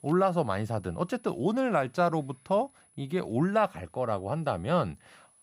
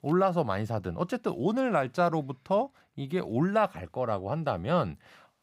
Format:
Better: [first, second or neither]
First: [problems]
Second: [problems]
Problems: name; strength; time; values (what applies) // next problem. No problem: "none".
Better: second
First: high-pitched whine; faint; throughout; 10 kHz, 30 dB below the speech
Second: none